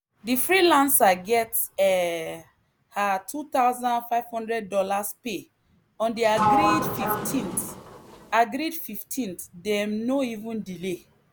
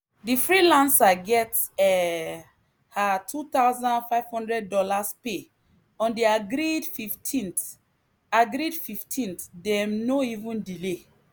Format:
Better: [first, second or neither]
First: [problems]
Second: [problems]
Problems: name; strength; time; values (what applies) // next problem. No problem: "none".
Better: second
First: background sound (Sliding door); as loud as the speech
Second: none